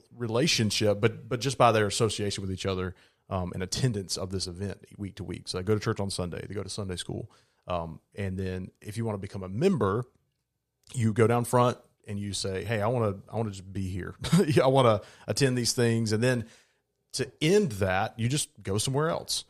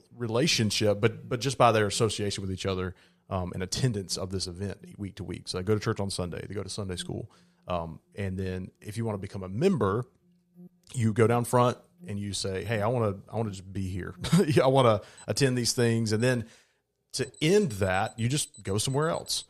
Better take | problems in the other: first | alarms or sirens; faint; throughout; 25 dB below the speech

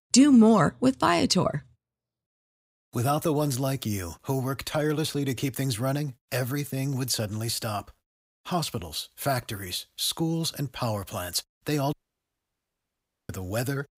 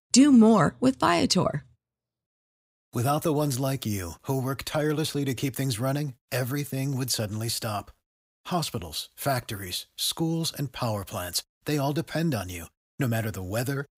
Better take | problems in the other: second | audio cutting out; at 12 s for 1.5 s

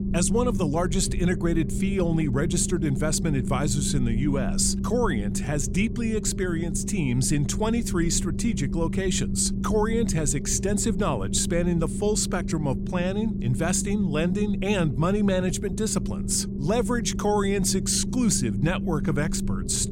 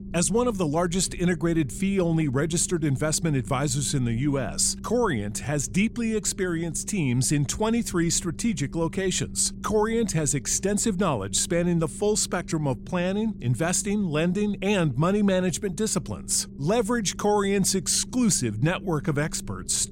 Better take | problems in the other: second | low rumble; loud; throughout; 10 dB below the speech; faint in the second

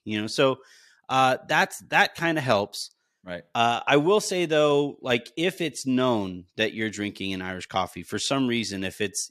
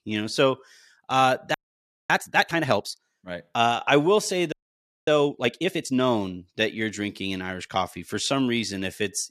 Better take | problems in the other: first | audio freezing; at 1.5 s for 0.5 s and at 4.5 s for 0.5 s

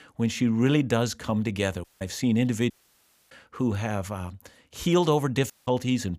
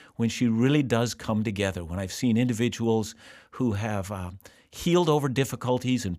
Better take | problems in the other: second | audio cutting out; at 2 s, at 2.5 s for 0.5 s and at 5.5 s

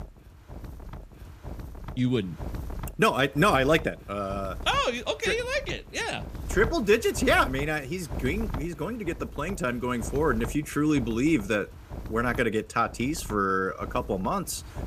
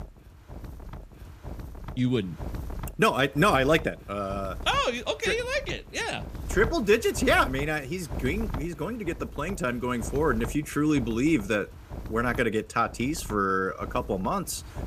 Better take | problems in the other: neither | wind noise on the microphone; occasional gusts; 20 dB below the speech; the same in both

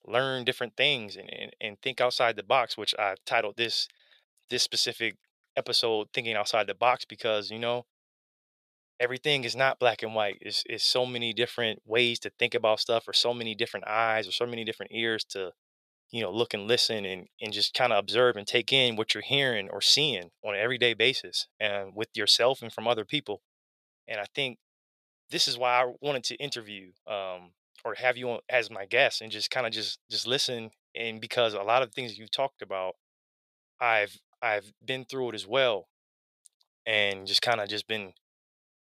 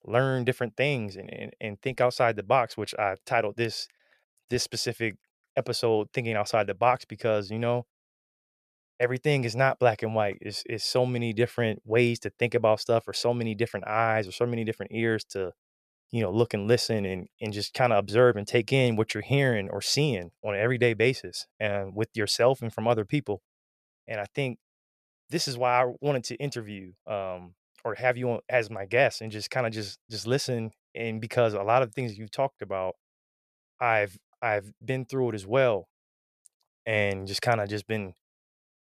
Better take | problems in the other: second | thin; somewhat; fading below 500 Hz

